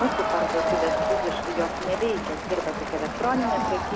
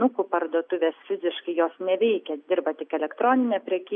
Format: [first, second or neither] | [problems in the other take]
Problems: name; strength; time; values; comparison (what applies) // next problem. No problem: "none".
second | background sound (Crowd); 2 dB above the speech